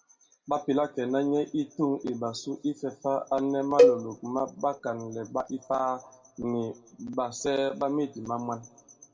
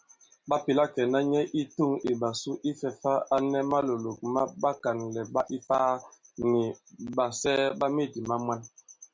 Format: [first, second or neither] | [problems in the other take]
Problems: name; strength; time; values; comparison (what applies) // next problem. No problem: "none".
second | background sound (Cowbell); 4 dB above the speech // room echo; dies away in 0.2 s